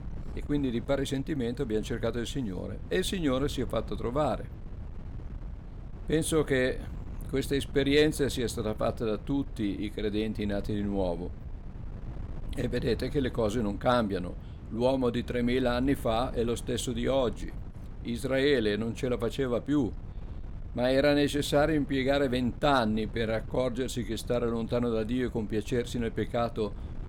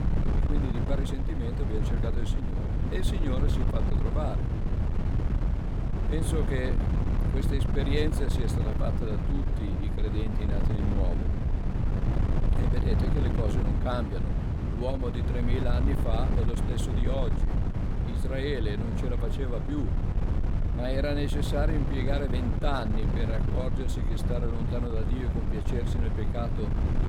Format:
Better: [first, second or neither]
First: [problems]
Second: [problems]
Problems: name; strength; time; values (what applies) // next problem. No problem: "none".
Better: first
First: wind noise on the microphone; occasional gusts; 20 dB below the speech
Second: wind noise on the microphone; heavy; 2 dB below the speech